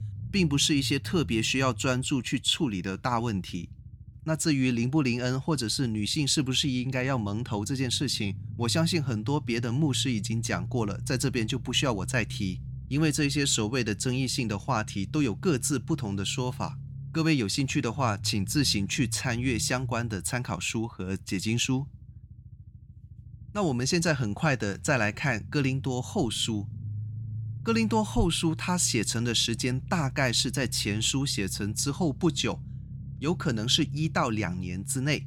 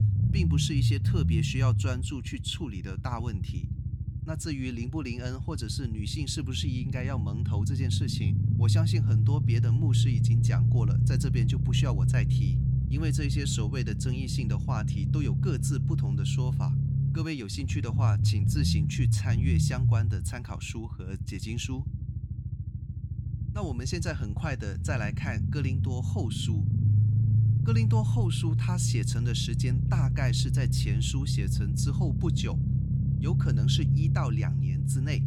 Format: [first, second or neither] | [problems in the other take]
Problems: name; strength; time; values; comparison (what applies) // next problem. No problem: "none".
first | low rumble; loud; throughout; 2 dB below the speech; faint in the first